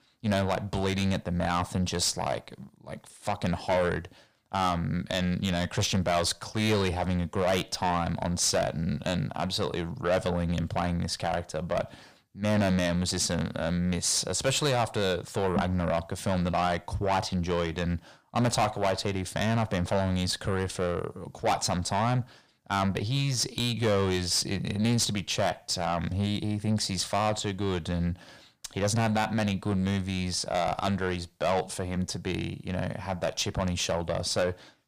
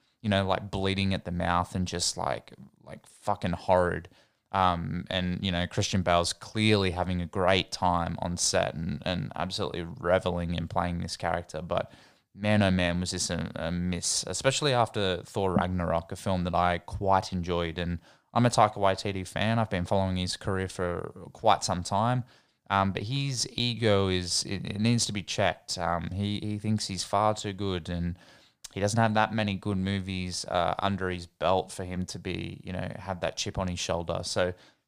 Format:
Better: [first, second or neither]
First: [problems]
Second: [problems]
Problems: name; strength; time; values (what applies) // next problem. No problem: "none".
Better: second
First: distortion; heavy; 7 dB below the speech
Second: none